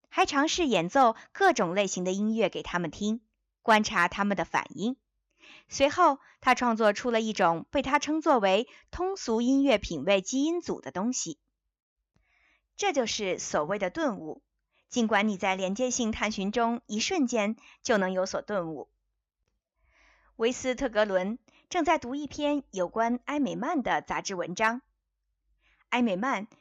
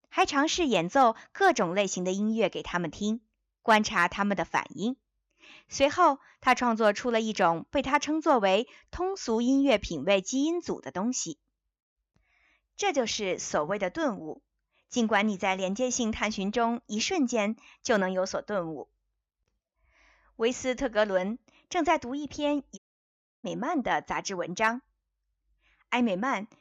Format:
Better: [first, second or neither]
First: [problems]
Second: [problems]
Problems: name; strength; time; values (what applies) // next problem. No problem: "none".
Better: first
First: none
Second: audio cutting out; at 23 s for 0.5 s